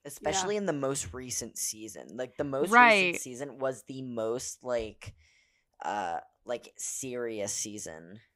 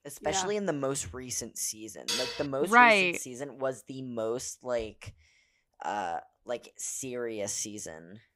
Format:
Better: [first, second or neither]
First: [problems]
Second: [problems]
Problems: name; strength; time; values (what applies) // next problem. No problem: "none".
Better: first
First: none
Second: clattering dishes; noticeable; at 2 s; peak 2 dB below the speech